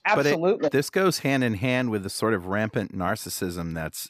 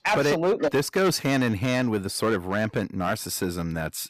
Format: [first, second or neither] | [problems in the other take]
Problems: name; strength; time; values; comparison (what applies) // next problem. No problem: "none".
first | distortion; slight; 8% of the sound clipped